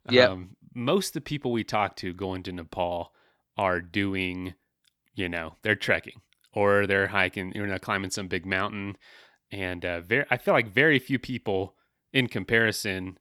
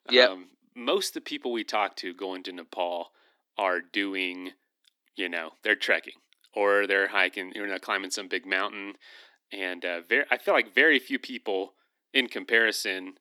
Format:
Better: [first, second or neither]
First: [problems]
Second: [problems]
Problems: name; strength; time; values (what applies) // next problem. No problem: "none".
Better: first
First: none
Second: thin; very slightly; fading below 250 Hz